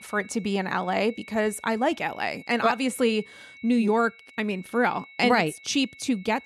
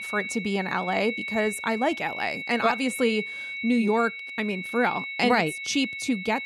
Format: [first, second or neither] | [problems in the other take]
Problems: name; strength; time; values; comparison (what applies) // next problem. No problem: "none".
first | high-pitched whine; loud; throughout; 2 kHz, 7 dB below the speech; faint in the first